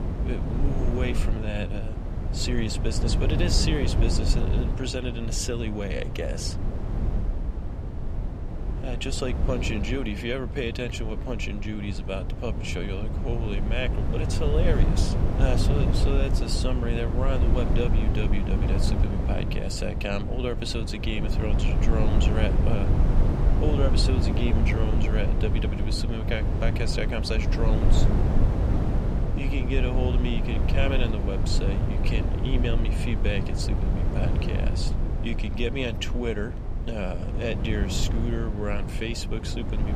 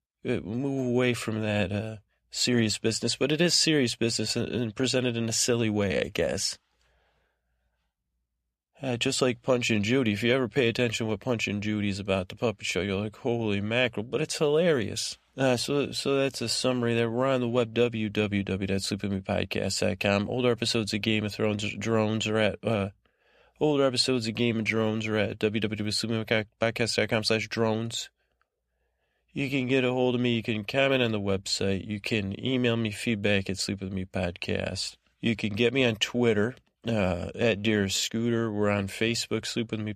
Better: second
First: wind noise on the microphone; heavy; 4 dB below the speech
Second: none

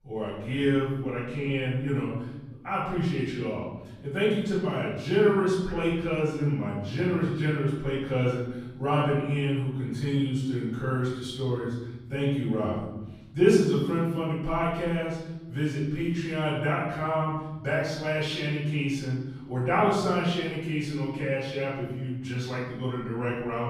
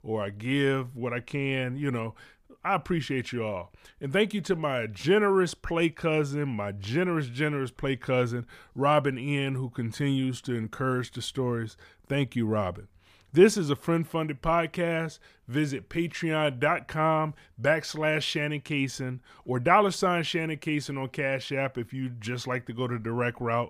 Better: second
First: room echo; noticeable; dies away in 1.2 s // off-mic speech; far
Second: none

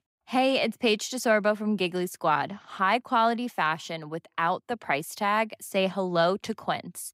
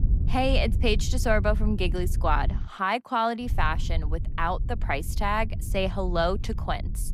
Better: first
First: none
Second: wind noise on the microphone; occasional gusts; until 2.5 s and from 3.5 s on; 20 dB below the speech

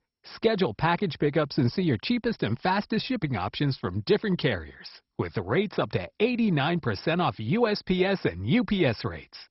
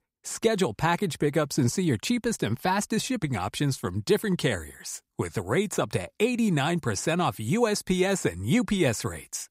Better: second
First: garbled, watery; badly; nothing above 5.5 kHz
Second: none

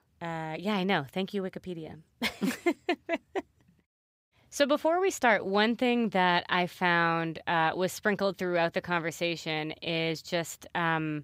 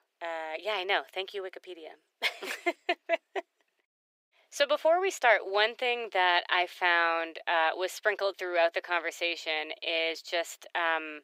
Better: first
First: none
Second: thin; very; fading below 350 Hz

